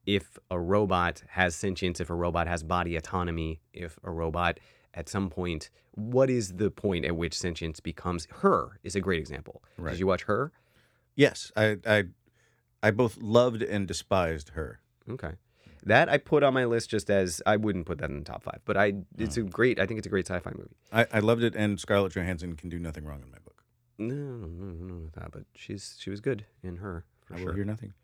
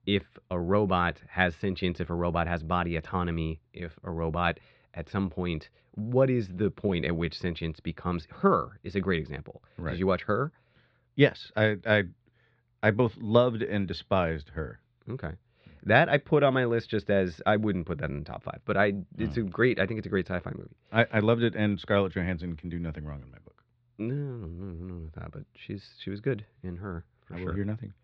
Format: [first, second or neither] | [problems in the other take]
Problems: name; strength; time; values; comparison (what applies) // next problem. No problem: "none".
first | muffled; slightly; fading above 4 kHz